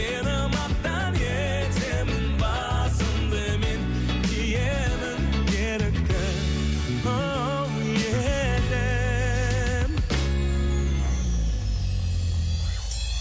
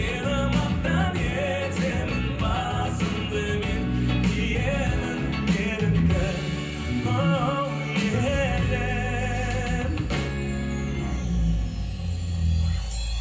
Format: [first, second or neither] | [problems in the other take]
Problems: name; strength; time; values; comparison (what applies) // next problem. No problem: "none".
first | room echo; dies away in 0.6 s